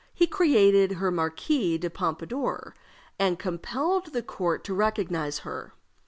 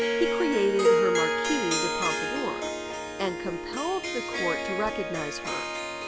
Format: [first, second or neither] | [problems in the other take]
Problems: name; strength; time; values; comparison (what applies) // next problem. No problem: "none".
first | background sound (Harp); 3 dB above the speech